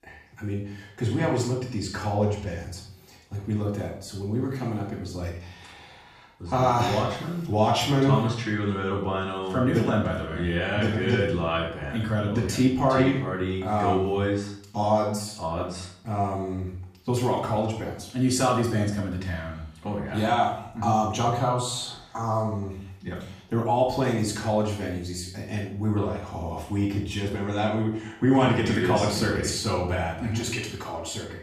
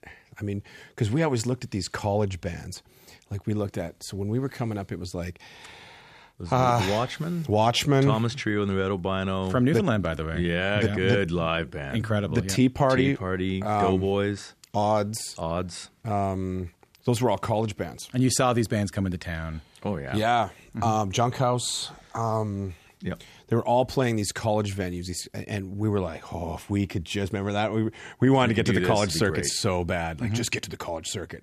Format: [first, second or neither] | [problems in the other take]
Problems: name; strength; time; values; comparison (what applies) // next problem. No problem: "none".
second | off-mic speech; far // room echo; noticeable; dies away in 0.5 s